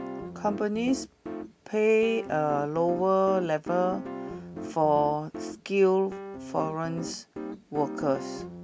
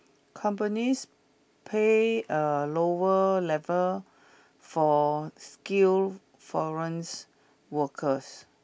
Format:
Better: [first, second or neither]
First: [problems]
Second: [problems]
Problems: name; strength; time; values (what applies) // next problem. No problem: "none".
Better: second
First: background sound (Piano); 11 dB below the speech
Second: none